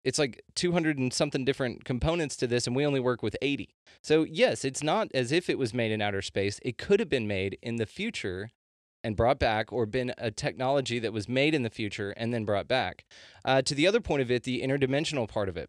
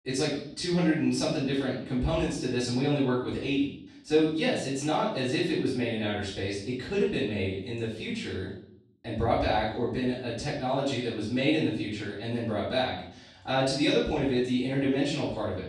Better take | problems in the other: first | off-mic speech; far // room echo; noticeable; dies away in 0.6 s

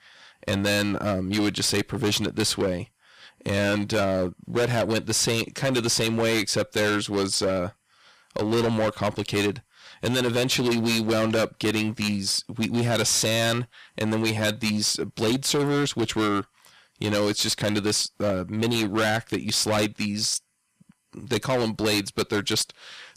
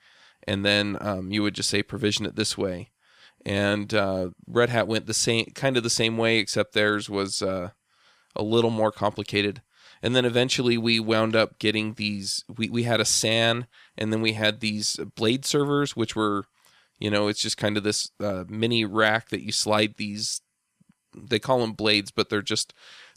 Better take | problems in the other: second | distortion; heavy; 17% of the sound clipped

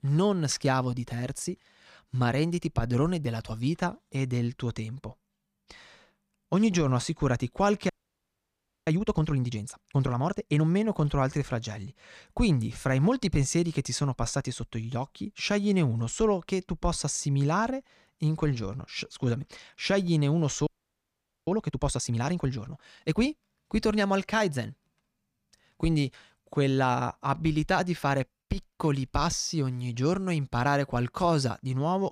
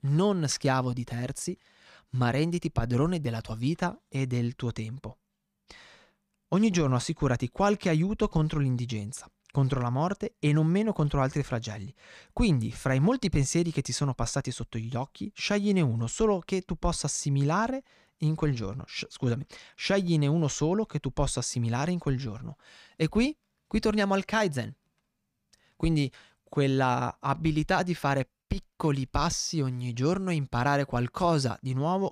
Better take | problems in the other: second | audio freezing; at 8 s for 1 s and at 21 s for 1 s

